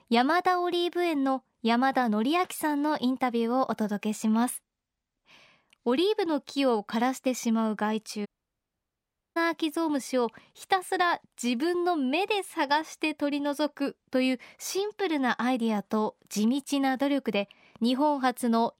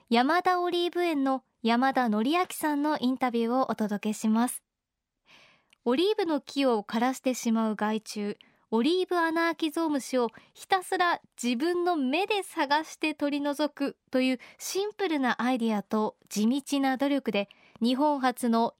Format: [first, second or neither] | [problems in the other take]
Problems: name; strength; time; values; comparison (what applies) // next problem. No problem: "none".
second | audio cutting out; at 8.5 s for 1 s